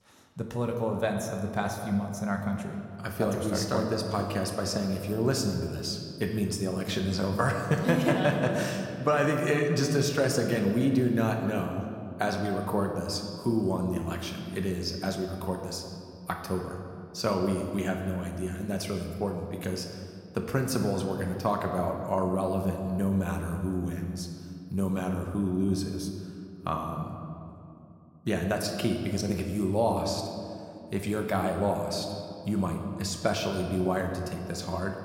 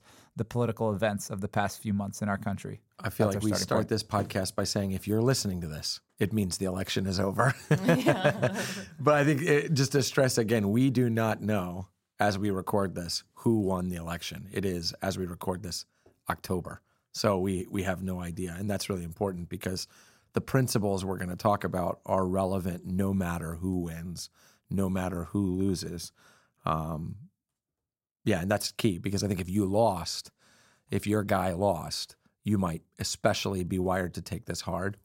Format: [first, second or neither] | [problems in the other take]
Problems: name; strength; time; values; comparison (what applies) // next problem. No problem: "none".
second | room echo; slight; dies away in 1.9 s